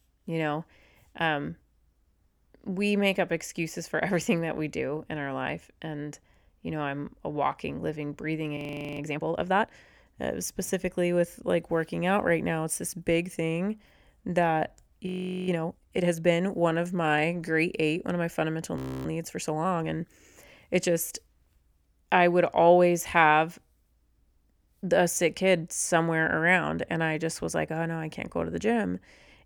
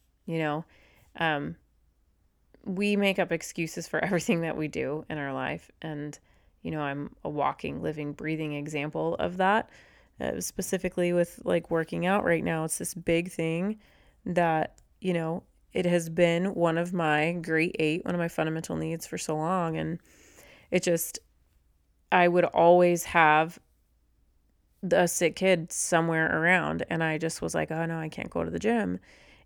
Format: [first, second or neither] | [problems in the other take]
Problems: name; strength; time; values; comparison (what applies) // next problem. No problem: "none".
second | audio freezing; at 8.5 s, at 15 s and at 19 s